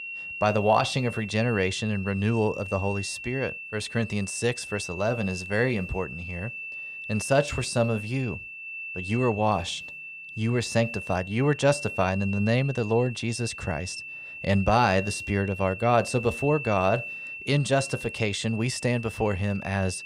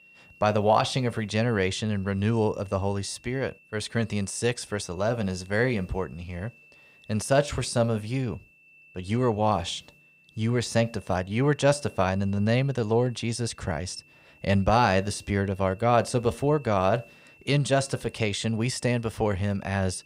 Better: second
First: high-pitched whine; loud; throughout; 2.5 kHz, 9 dB below the speech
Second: high-pitched whine; faint; throughout; 2.5 kHz, 30 dB below the speech

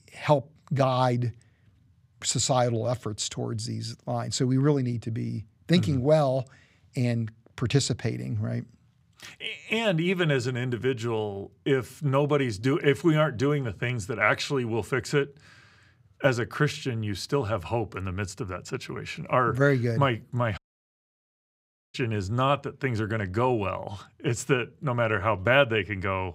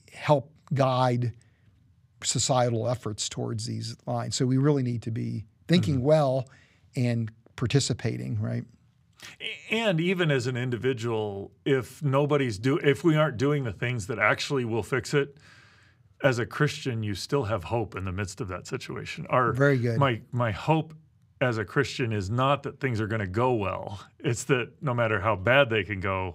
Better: second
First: audio cutting out; at 21 s for 1.5 s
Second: none

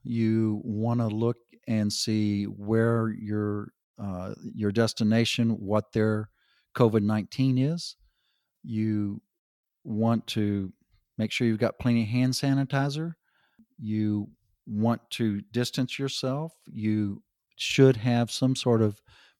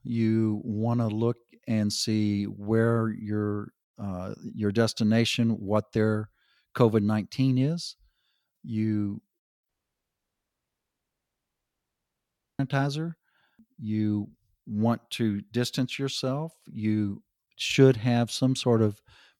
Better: first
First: none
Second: audio cutting out; at 9.5 s for 3 s

